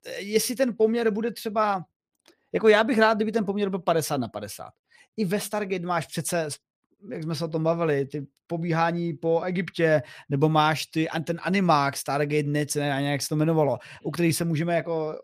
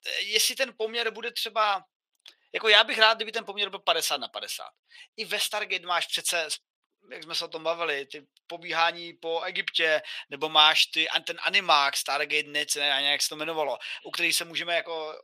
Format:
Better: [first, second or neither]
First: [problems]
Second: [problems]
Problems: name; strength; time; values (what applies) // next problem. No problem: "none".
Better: first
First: none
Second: thin; very; fading below 750 Hz